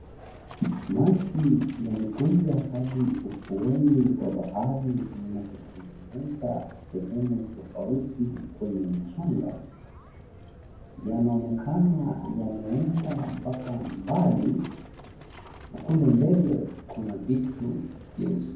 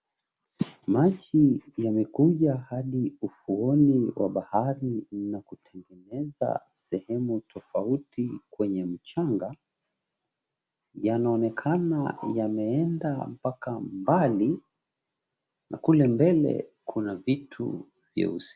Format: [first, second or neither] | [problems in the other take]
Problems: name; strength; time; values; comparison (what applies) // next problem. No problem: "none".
second | background sound (Livestock, farm animals, working animals); 18 dB below the speech // room echo; dies away in 0.9 s